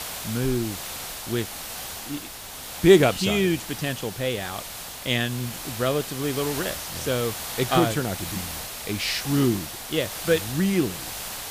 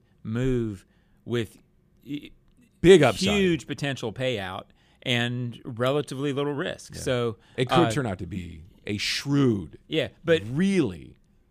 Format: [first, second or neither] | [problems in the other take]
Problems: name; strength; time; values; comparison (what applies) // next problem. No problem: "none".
second | hiss; loud; throughout; 8 dB below the speech